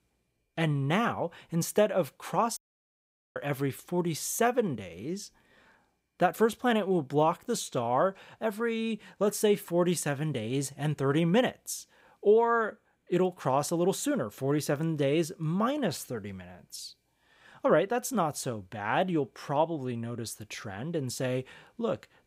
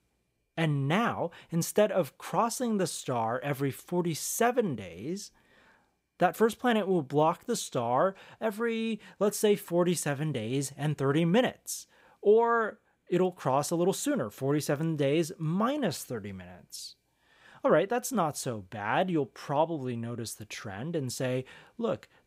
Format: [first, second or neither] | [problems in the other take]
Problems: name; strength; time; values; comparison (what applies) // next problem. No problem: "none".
second | audio cutting out; at 2.5 s for 1 s